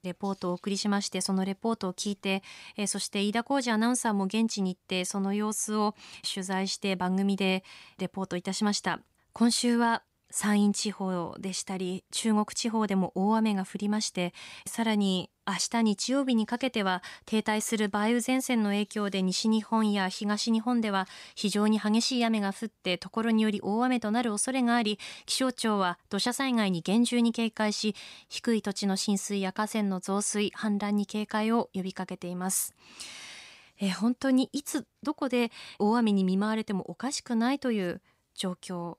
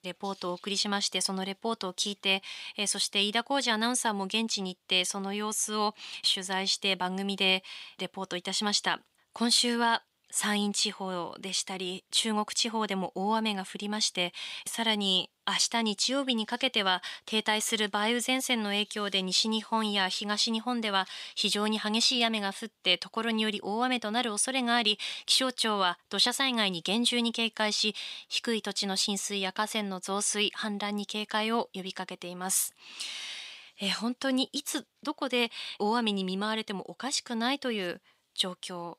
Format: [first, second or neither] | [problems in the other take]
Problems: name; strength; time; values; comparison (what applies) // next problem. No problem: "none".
first | thin; very slightly; fading below 450 Hz